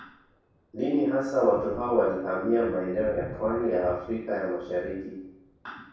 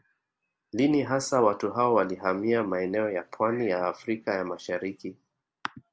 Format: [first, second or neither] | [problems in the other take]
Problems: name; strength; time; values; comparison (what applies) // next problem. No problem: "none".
second | background sound (Thunder); 19 dB below the speech // room echo; dies away in 0.7 s